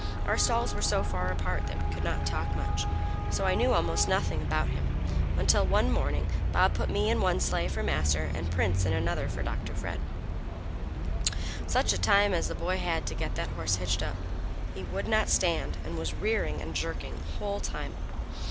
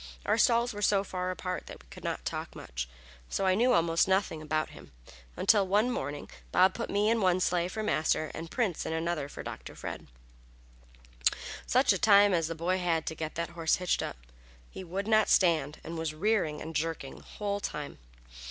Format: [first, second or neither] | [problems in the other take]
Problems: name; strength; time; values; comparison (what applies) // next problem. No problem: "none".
second | background sound (Traffic noise, roadway noise); 3 dB above the speech